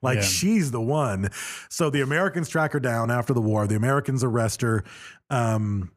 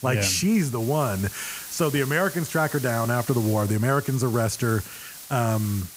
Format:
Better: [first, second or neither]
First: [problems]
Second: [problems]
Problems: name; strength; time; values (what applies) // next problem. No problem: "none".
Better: first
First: none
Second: hiss; noticeable; throughout; 10 dB below the speech